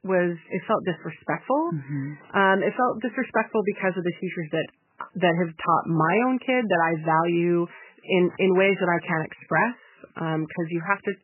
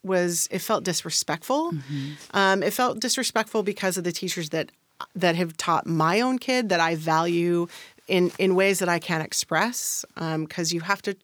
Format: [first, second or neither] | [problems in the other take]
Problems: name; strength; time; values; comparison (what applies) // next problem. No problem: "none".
second | garbled, watery; badly; nothing above 3 kHz